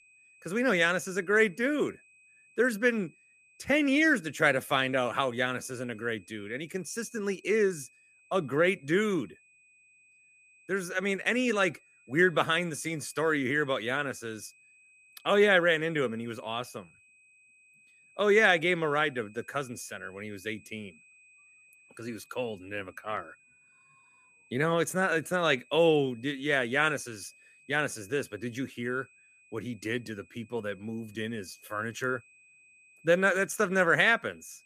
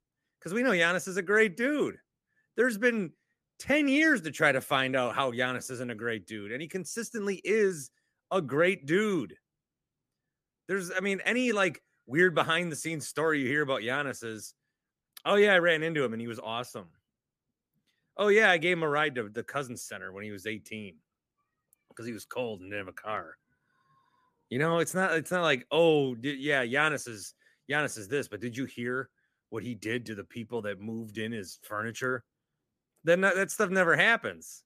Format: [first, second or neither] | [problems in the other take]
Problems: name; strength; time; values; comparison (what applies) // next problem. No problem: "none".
second | high-pitched whine; faint; throughout; 2.5 kHz, 30 dB below the speech